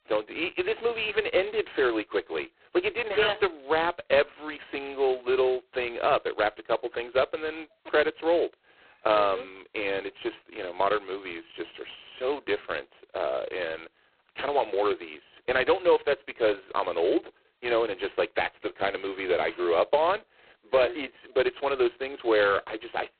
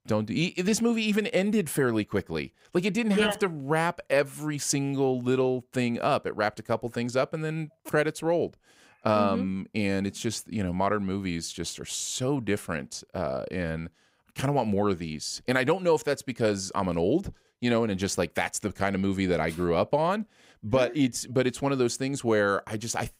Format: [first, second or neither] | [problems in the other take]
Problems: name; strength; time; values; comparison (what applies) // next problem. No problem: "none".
second | phone-call audio; poor line; nothing above 4 kHz